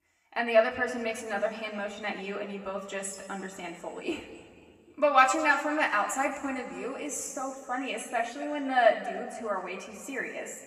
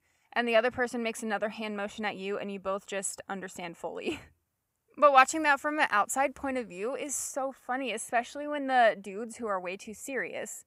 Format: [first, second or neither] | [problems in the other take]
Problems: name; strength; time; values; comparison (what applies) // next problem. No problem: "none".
second | room echo; slight; dies away in 2 s // off-mic speech; somewhat distant